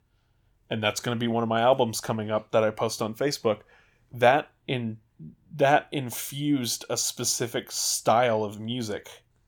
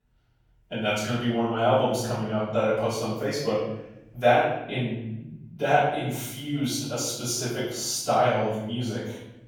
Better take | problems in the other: first | off-mic speech; far // room echo; noticeable; dies away in 0.8 s

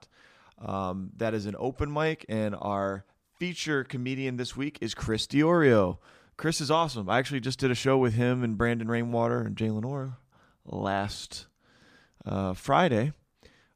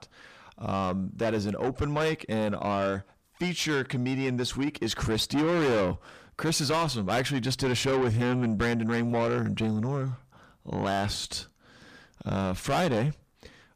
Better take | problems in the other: first | distortion; heavy; 5 dB below the speech

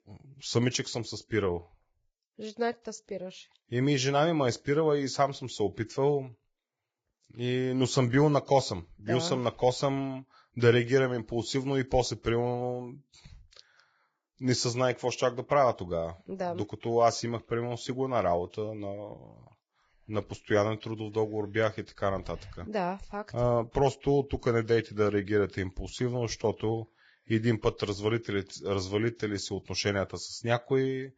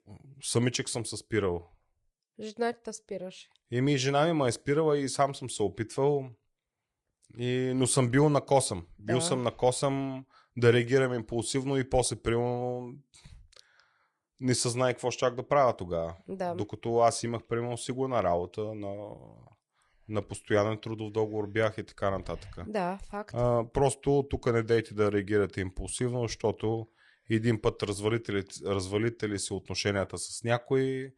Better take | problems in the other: second | garbled, watery; badly; nothing above 7.5 kHz; slightly in the second

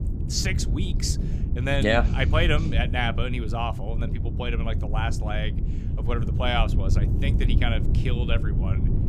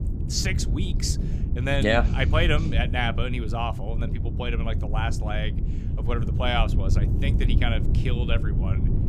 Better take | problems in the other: neither | wind noise on the microphone; occasional gusts; 10 dB below the speech; the same in both

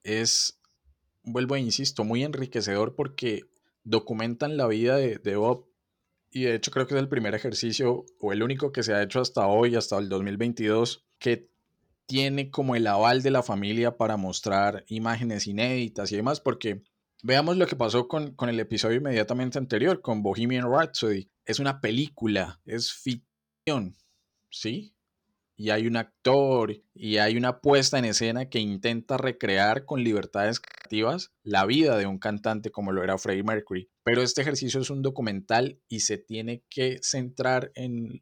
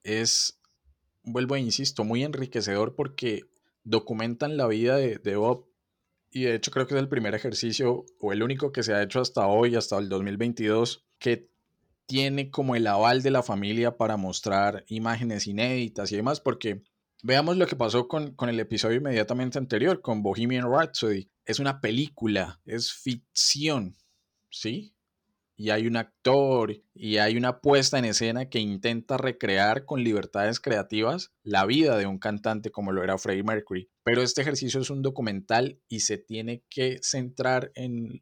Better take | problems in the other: second | audio freezing; at 23 s and at 31 s

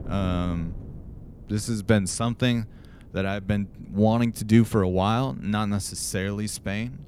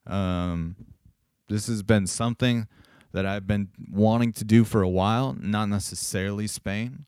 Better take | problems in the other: second | wind noise on the microphone; occasional gusts; 25 dB below the speech

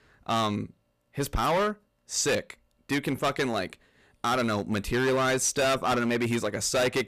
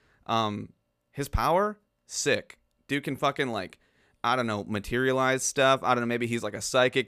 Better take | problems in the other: second | distortion; heavy; 13% of the sound clipped

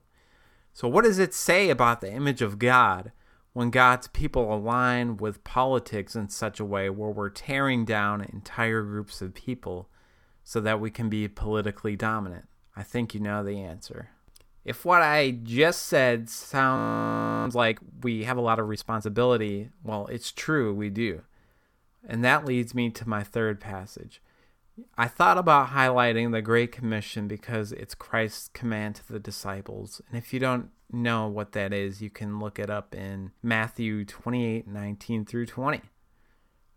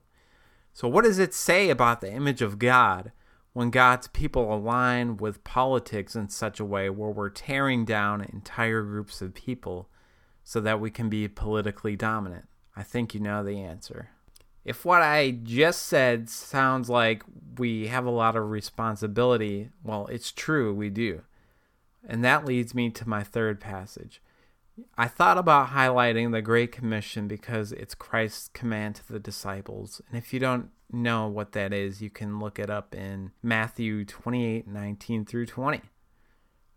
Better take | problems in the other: second | audio freezing; at 17 s for 0.5 s

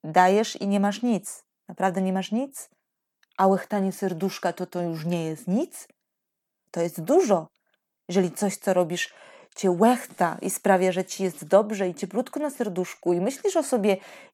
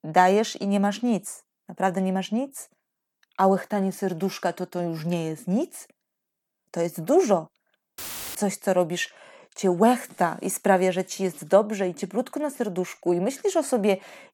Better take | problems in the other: first | audio cutting out; filled with static; at 8 s

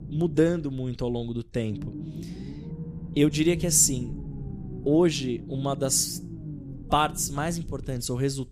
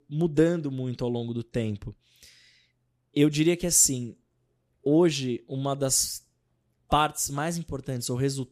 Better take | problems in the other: second | low rumble; noticeable; throughout; 20 dB below the speech

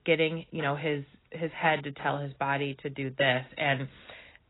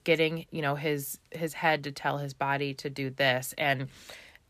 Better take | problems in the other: second | garbled, watery; badly; nothing above 4 kHz

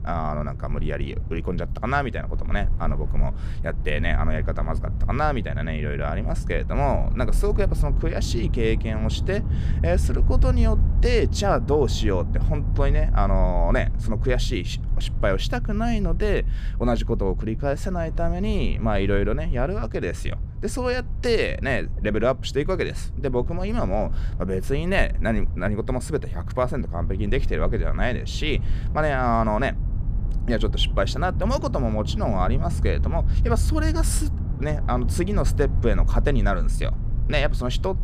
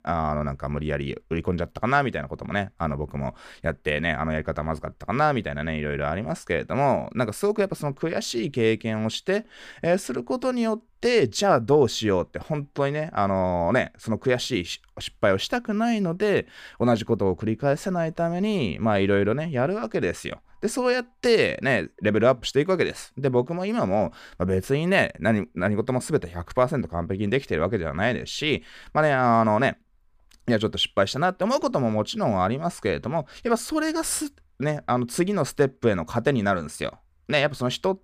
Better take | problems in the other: second | low rumble; noticeable; throughout; 15 dB below the speech

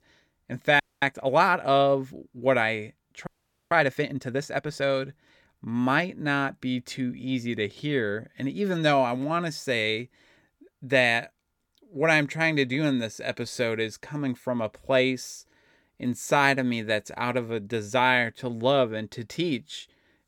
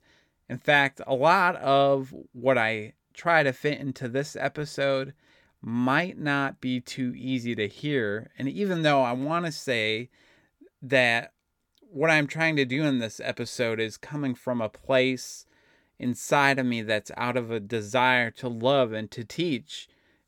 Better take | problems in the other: second | audio freezing; at 1 s and at 3.5 s

